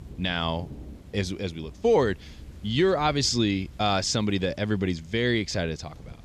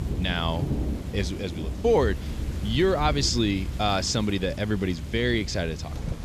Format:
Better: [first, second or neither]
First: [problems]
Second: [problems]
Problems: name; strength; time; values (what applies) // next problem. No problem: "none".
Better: first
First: rain or running water; faint; throughout; 20 dB below the speech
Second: rain or running water; loud; throughout; 7 dB below the speech